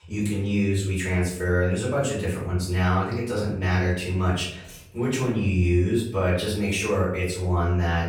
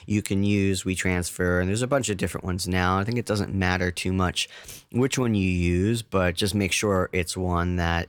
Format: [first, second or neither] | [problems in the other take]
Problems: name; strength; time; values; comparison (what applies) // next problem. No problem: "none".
second | off-mic speech; far // room echo; noticeable; dies away in 0.7 s